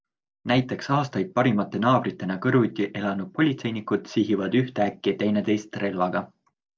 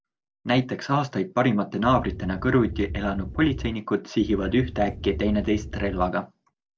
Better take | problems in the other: first | background sound (Wind); 9 dB below the speech

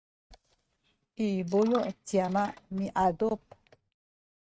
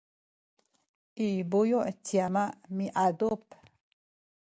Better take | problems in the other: second | noise reduction (neural mask model RNNoise)

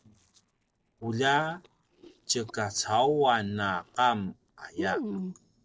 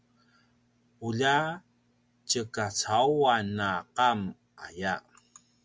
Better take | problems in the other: second | noise reduction (neural separator model SepFormer DNS4)

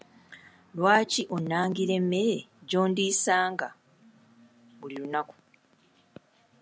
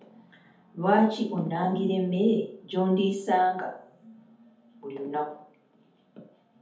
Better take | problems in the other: first | room echo; dies away in 0.6 s

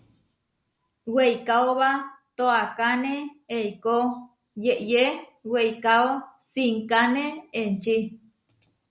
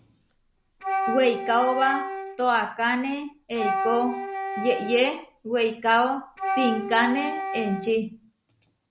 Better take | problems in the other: first | background sound (Wind instrument, woodwind instrument); 5 dB below the speech

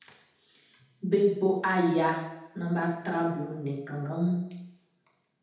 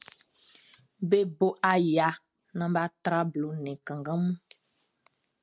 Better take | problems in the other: second | room echo; dies away in 0.8 s

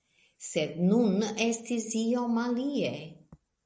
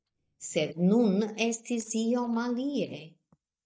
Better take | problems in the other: first | noise reduction (neural mask model DeepFilterNet 3)

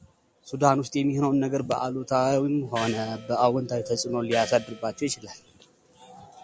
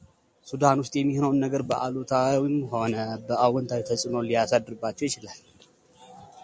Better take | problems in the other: second | background sound (Gong); 15 dB below the speech

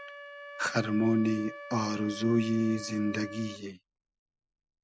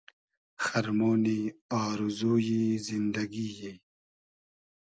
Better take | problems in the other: second | background sound (Wind instrument, woodwind instrument); 14 dB below the speech

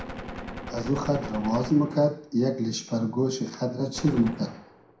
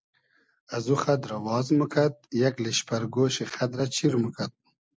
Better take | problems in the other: second | background sound (Gunshot, gunfire); 13 dB below the speech // room echo; dies away in 0.5 s

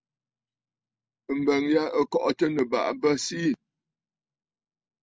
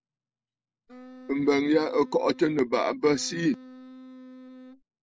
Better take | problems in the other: first | background sound (Wind instrument, woodwind instrument); 18 dB below the speech

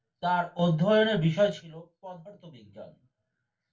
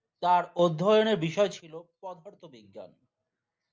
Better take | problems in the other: second | room echo; dies away in 0.2 s

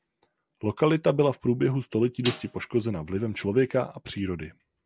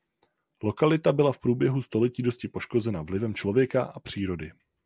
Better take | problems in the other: second | background sound (Snare drum); 12 dB below the speech

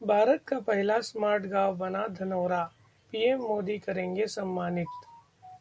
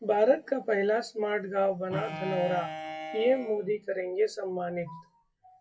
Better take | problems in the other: first | noise reduction (classical method WPE with log-MMSE)

